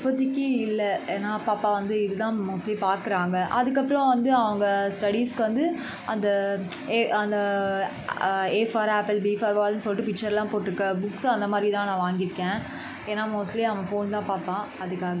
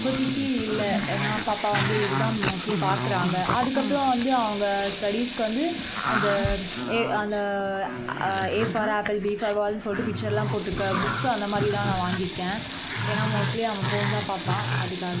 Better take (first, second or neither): first